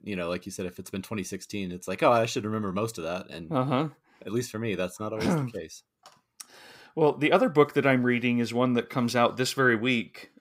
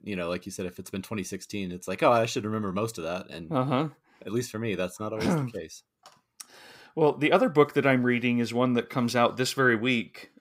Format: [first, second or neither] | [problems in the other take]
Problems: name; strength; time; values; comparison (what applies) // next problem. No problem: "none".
neither | none